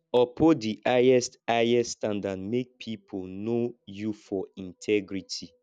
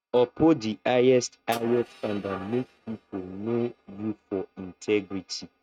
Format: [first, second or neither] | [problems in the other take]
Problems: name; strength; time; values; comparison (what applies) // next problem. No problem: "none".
first | noise reduction (neural mask model RNNoise)